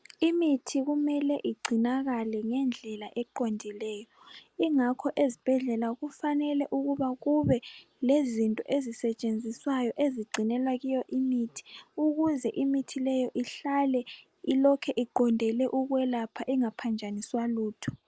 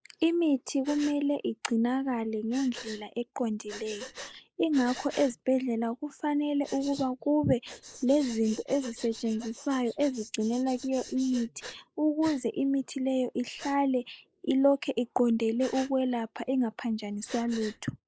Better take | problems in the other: first | noise reduction (neural mask model Resemble Enhance denoiser)

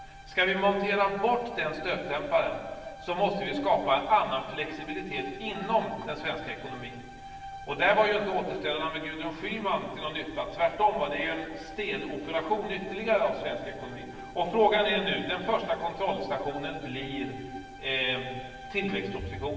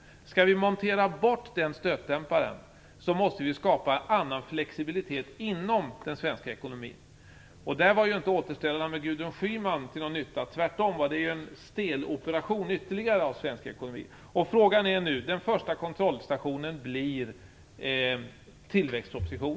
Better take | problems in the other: second | background sound (Bowed string instrument); 16 dB below the speech // room echo; dies away in 1.3 s

